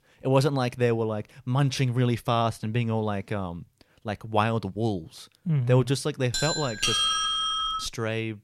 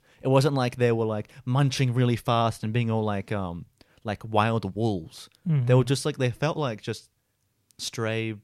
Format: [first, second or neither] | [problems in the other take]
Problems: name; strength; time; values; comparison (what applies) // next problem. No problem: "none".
second | doorbell; loud; from 6.5 to 8 s; peak 5 dB above the speech